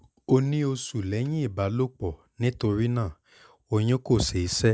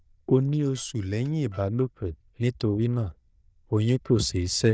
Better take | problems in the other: first | noise reduction (neural diffusion model UNIVERSE++)

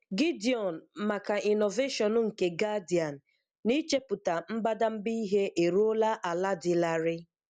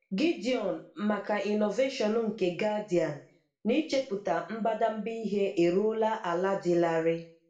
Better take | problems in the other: first | room echo; dies away in 0.4 s

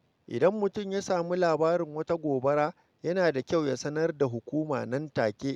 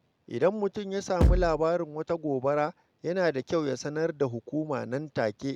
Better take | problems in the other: first | background sound (Bass drum); 4 dB above the speech

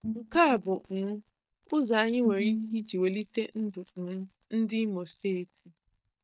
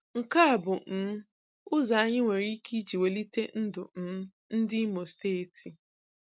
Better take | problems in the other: second | noise reduction (neural mask model DeepFilterNet 3)

